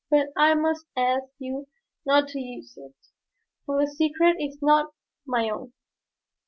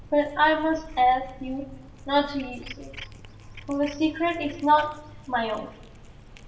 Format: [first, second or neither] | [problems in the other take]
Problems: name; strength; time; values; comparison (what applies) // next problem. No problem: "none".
first | background sound (Cat); 16 dB below the speech // room echo; dies away in 0.9 s